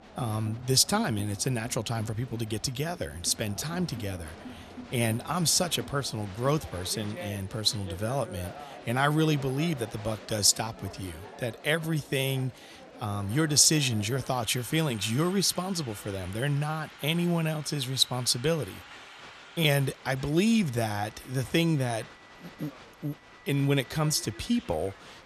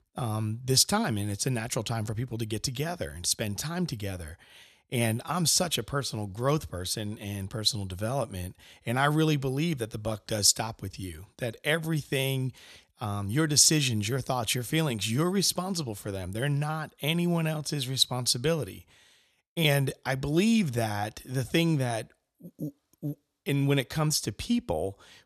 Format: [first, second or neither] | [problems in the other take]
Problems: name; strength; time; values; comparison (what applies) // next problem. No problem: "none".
second | crowd noise; noticeable; throughout; 20 dB below the speech